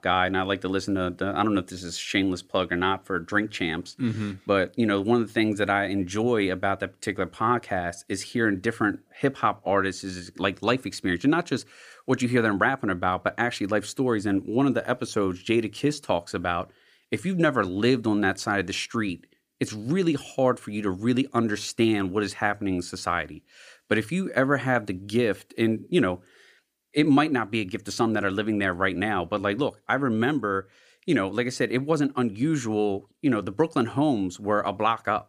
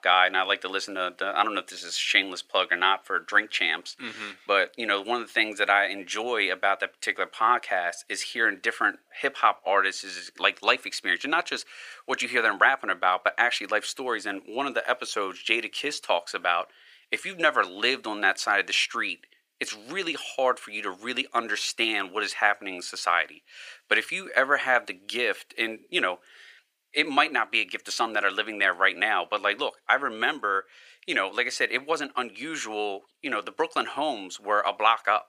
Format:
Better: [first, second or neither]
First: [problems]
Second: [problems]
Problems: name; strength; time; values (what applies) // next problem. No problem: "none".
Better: first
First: none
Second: thin; very; fading below 700 Hz